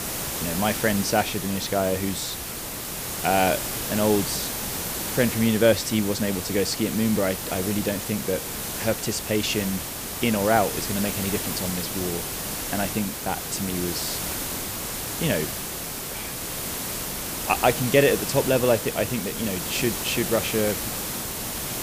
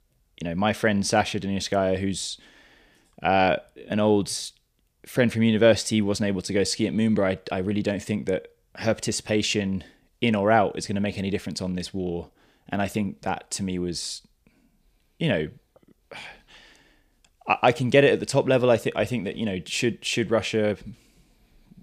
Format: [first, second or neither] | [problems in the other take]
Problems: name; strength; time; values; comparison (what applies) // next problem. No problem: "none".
second | hiss; loud; throughout; 3 dB below the speech